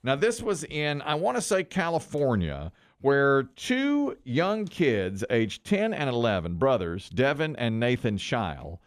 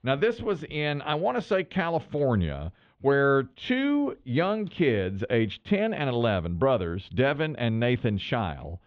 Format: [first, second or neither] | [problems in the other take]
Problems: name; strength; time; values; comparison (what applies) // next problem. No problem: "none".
first | muffled; slightly; fading above 3.5 kHz